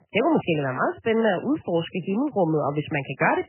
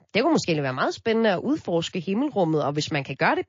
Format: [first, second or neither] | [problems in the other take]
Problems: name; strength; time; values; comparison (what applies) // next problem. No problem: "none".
second | garbled, watery; badly; nothing above 3 kHz; slightly in the second